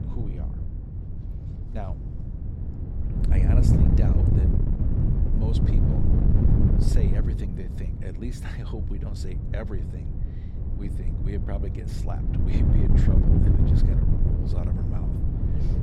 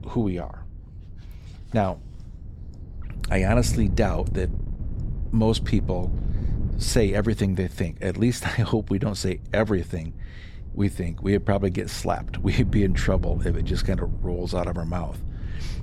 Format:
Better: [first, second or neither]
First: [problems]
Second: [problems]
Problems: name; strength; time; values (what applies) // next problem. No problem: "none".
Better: second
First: wind noise on the microphone; heavy; 5 dB above the speech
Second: wind noise on the microphone; occasional gusts; 15 dB below the speech